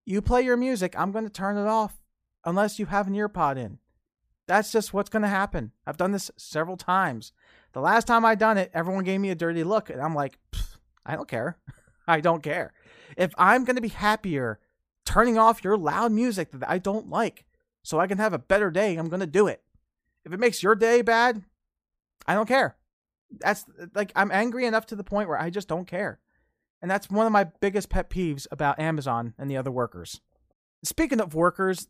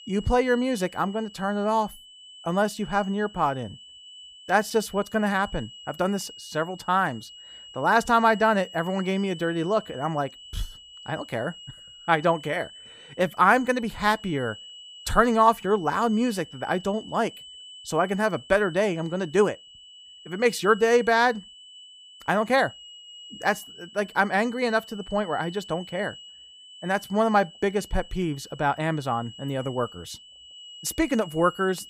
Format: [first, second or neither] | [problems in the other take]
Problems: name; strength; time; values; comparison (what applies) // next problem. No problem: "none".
first | high-pitched whine; noticeable; throughout; 3 kHz, 20 dB below the speech